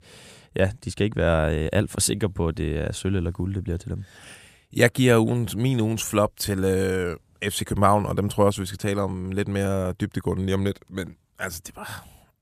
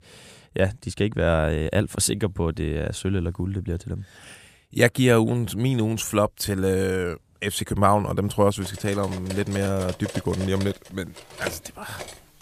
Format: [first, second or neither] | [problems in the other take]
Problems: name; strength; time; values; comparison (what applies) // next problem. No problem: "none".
first | clattering dishes; faint; from 8.5 s on; peak 10 dB below the speech